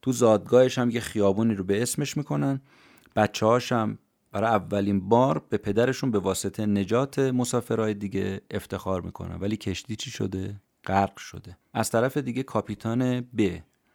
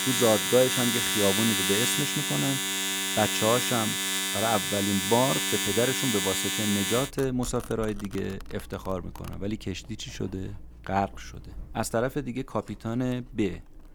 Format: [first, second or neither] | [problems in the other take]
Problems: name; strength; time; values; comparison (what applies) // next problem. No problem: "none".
first | household noises; very loud; throughout; 3 dB above the speech